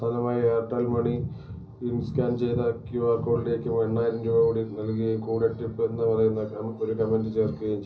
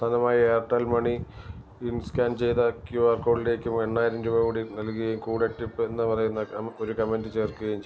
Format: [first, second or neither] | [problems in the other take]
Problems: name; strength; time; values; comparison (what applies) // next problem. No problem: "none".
second | room echo; dies away in 0.5 s